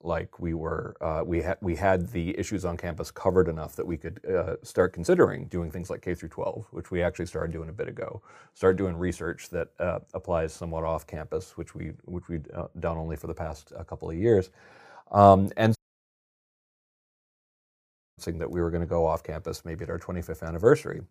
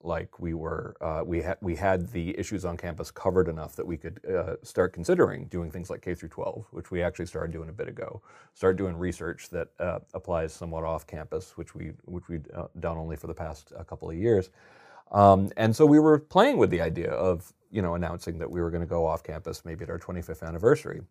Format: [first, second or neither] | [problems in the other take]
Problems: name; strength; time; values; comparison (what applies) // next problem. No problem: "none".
second | audio cutting out; at 16 s for 2.5 s